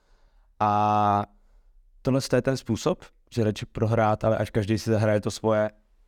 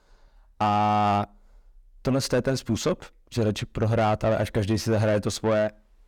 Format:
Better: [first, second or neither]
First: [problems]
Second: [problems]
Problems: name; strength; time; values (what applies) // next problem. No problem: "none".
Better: first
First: none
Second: distortion; slight; 10 dB below the speech